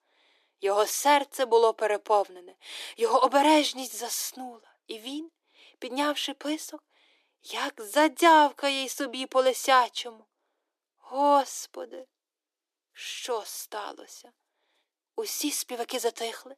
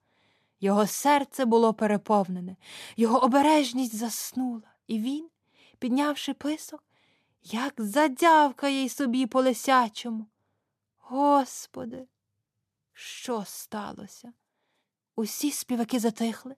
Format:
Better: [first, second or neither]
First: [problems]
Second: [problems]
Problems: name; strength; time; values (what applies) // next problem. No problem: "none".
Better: second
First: thin; somewhat; fading below 300 Hz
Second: none